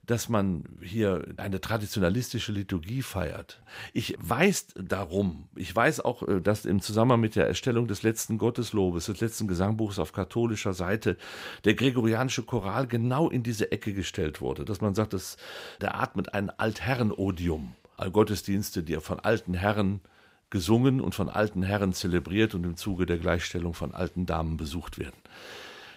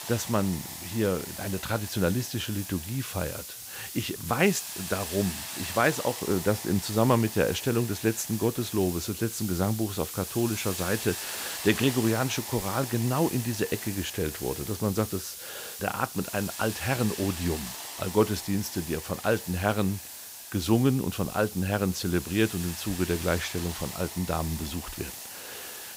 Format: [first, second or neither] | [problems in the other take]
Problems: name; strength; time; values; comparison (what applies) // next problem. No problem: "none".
first | hiss; loud; throughout; 8 dB below the speech